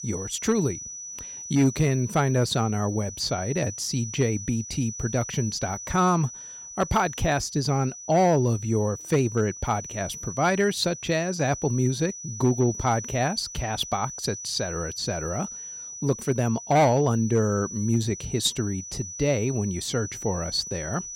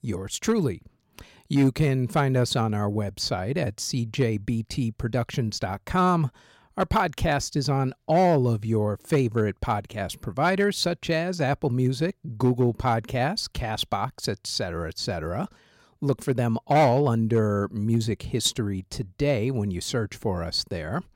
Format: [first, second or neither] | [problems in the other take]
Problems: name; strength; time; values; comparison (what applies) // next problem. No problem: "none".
second | high-pitched whine; noticeable; throughout; 6 kHz, 10 dB below the speech